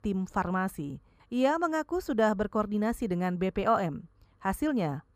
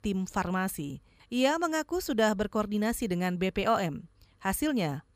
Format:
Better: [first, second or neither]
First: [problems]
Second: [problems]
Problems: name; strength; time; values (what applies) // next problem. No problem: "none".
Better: second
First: muffled; slightly; fading above 1.5 kHz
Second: none